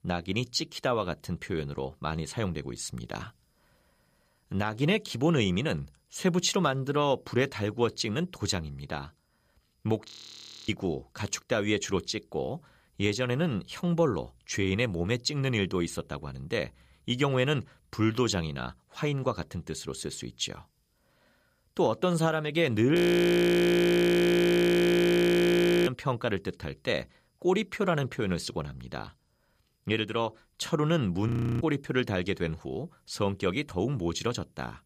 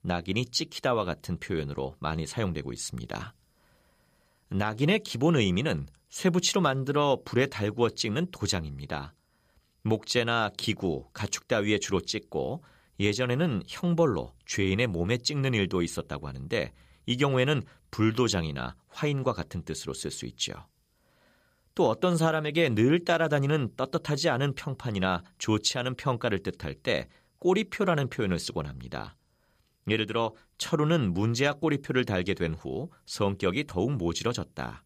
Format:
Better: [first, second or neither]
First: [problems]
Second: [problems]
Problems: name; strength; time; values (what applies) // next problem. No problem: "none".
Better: second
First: audio freezing; at 10 s for 0.5 s, at 23 s for 3 s and at 31 s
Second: none